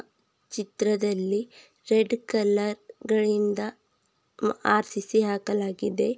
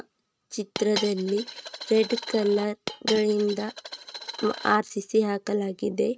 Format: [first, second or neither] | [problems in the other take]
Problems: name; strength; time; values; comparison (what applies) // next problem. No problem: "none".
first | noise reduction (neural mask model RNNoise)